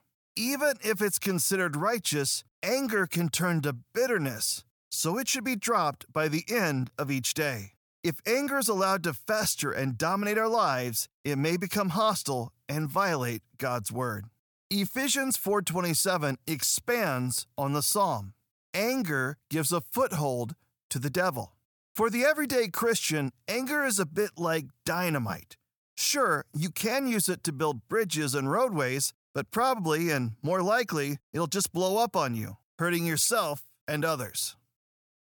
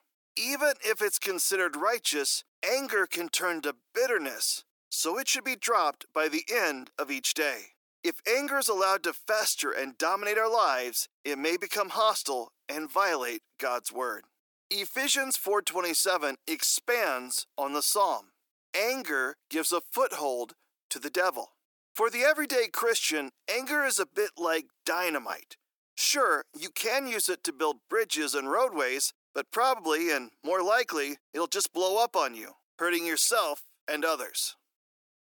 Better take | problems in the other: first | thin; somewhat; fading below 300 Hz

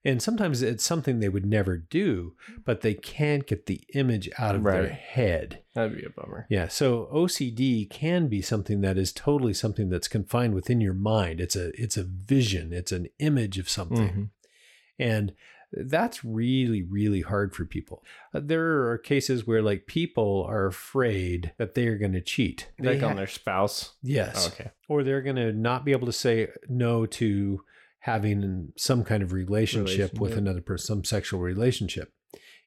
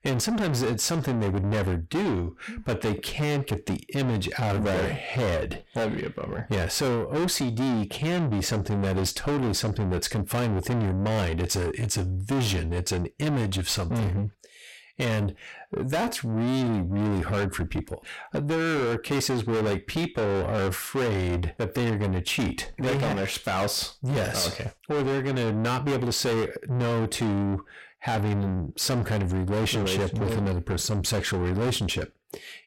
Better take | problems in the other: first | distortion; heavy; 6 dB below the speech

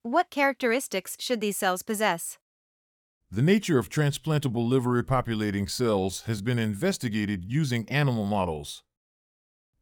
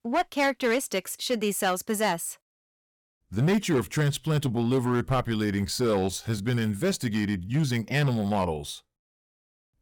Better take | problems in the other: first | distortion; slight; 6% of the sound clipped

